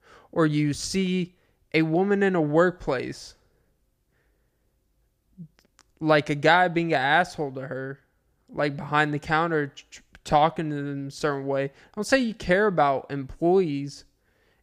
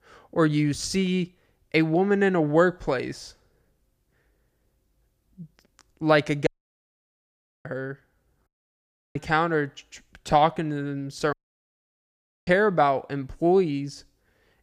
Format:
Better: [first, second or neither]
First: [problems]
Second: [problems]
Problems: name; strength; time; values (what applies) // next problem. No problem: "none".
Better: first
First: none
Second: audio cutting out; at 6.5 s for 1 s, at 8.5 s for 0.5 s and at 11 s for 1 s